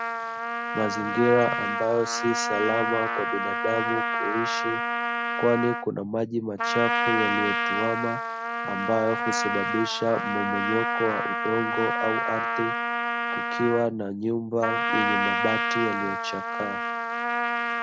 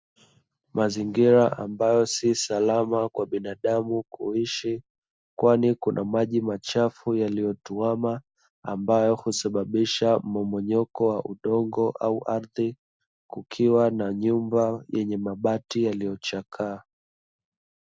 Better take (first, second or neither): second